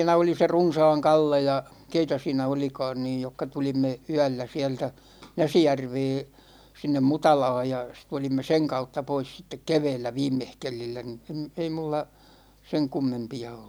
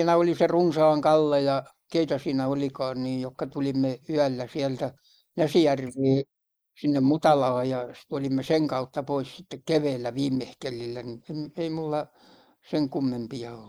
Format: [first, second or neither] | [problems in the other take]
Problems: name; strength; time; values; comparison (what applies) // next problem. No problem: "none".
first | noise reduction (neural mask model Resemble Enhance denoiser)